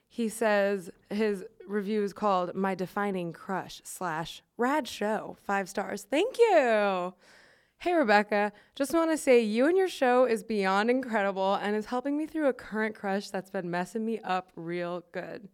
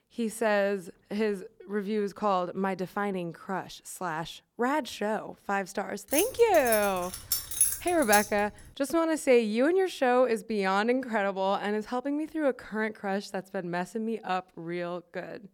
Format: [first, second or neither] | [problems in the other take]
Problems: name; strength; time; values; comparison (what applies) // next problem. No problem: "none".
first | jangling keys; loud; from 6 to 8 s; peak 4 dB above the speech